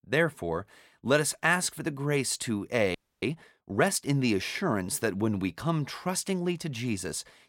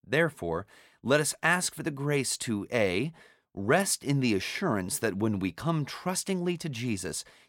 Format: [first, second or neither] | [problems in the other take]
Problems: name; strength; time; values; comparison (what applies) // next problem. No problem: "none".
second | audio freezing; at 3 s